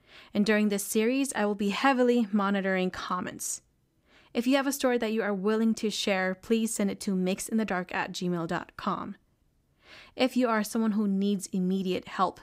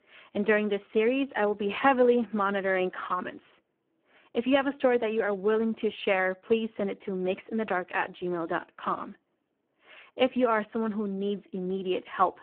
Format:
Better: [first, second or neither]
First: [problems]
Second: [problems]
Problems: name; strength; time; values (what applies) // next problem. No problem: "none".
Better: first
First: none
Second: phone-call audio; poor line